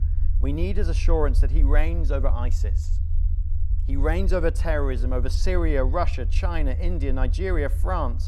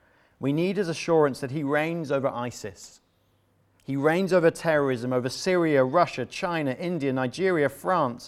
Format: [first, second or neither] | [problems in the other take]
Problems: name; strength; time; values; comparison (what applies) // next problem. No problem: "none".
second | low rumble; noticeable; throughout; 15 dB below the speech